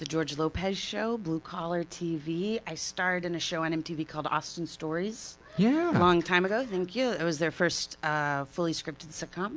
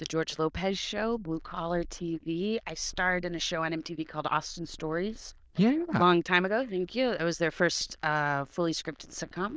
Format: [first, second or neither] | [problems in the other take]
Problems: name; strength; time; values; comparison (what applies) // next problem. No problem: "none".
first | noise reduction (neural diffusion model UNIVERSE++)